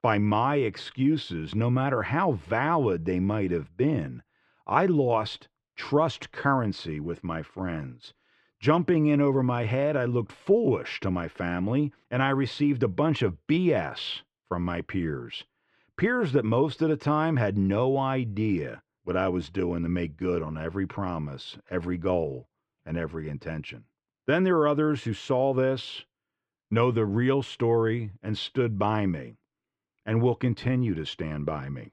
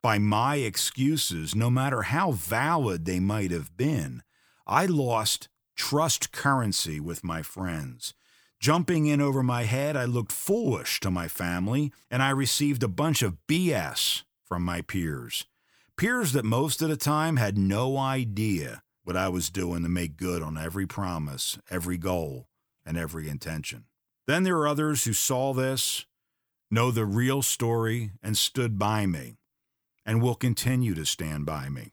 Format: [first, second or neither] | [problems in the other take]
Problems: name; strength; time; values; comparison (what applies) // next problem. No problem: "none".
second | muffled; very; fading above 3 kHz